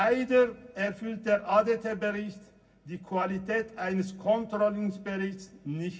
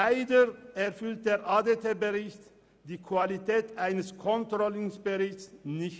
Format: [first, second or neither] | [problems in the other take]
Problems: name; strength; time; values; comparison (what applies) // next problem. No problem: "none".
second | room echo; dies away in 0.4 s